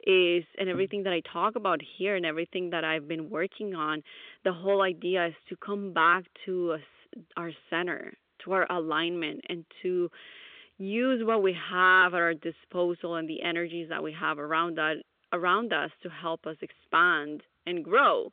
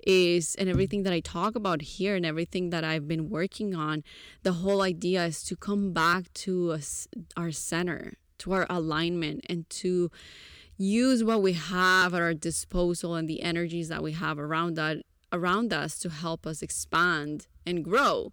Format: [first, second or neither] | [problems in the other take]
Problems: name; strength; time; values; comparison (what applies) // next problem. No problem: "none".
second | phone-call audio; nothing above 3 kHz